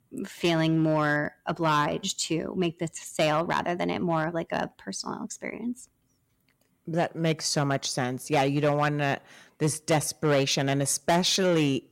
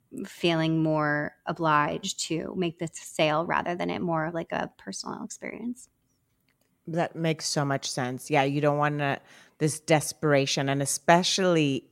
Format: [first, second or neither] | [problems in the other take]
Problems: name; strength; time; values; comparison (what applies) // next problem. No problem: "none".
second | distortion; slight; 4% of the sound clipped